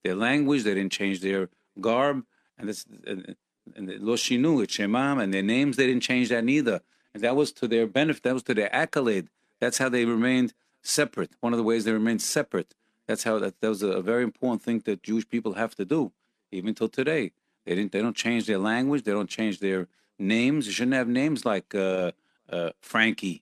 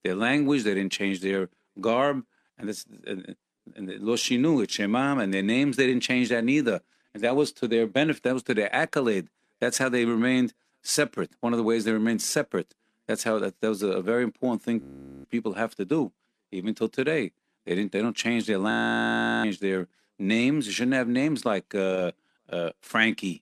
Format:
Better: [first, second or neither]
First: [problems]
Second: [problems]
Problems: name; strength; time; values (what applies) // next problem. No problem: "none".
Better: first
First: none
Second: audio freezing; at 15 s and at 19 s for 0.5 s